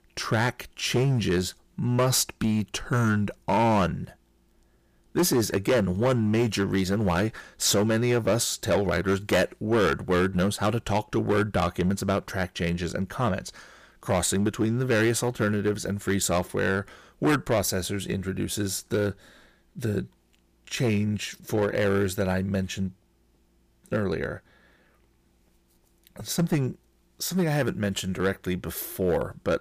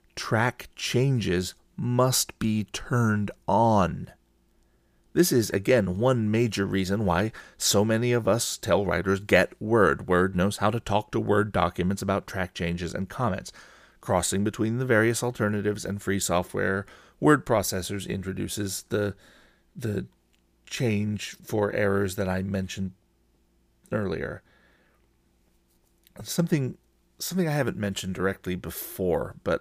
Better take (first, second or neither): second